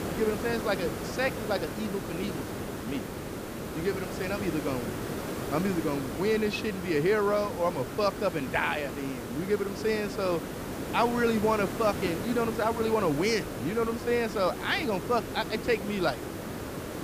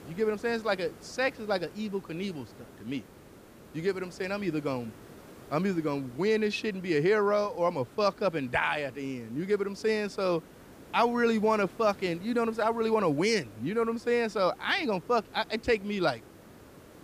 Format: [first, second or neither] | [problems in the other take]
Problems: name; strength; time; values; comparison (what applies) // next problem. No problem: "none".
second | hiss; loud; throughout; 6 dB below the speech; faint in the second